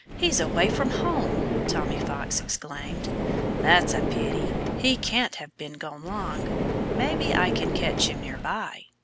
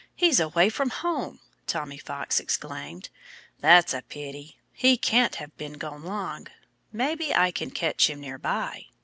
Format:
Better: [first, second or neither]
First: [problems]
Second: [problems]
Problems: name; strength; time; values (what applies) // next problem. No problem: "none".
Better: second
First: background sound (Car); 1 dB above the speech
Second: none